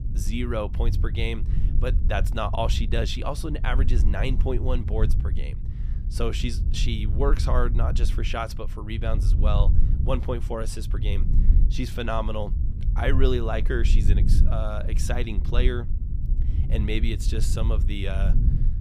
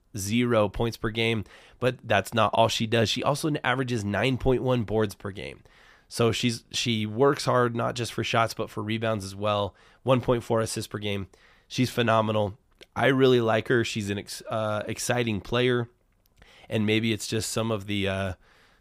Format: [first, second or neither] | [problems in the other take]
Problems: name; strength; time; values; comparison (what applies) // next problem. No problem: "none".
second | low rumble; noticeable; throughout; 10 dB below the speech